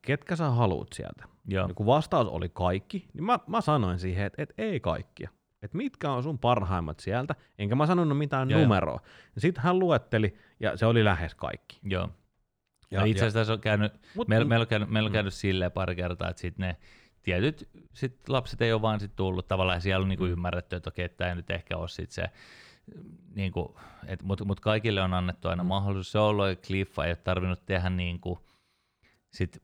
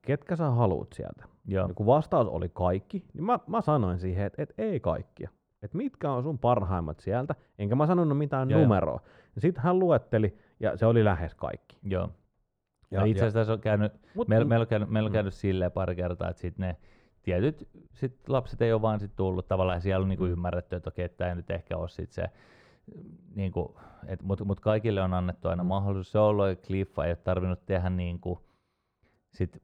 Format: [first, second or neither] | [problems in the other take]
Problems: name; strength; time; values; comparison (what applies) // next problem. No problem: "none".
first | muffled; slightly; fading above 1.5 kHz